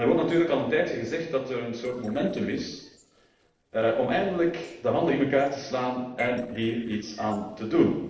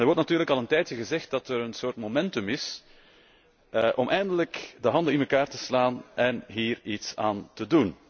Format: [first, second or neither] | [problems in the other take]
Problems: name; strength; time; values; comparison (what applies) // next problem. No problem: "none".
second | noise reduction (neural separator model SepFormer DNS4)